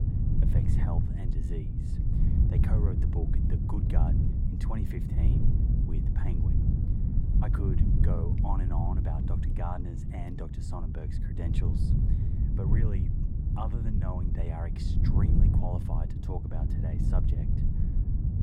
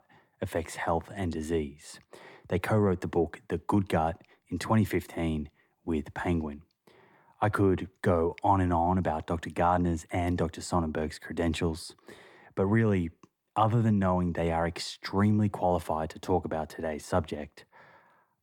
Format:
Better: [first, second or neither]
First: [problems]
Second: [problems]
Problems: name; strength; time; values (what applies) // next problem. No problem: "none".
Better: second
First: wind noise on the microphone; heavy; 1 dB above the speech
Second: none